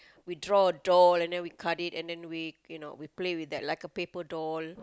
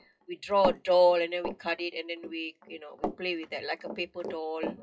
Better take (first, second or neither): first